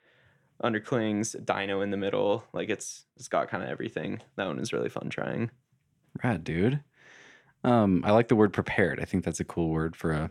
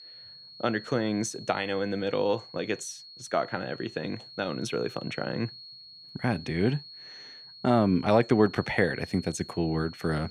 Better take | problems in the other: first | high-pitched whine; noticeable; throughout; 4.5 kHz, 15 dB below the speech

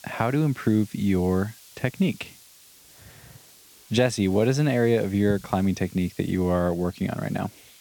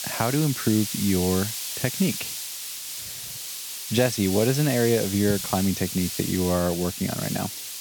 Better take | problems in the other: first | hiss; loud; throughout; 5 dB below the speech; faint in the first

